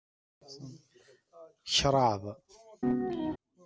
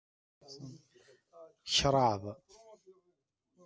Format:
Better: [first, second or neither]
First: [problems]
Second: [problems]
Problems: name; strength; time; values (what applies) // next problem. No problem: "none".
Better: second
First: background sound (Piano); 4 dB above the speech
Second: none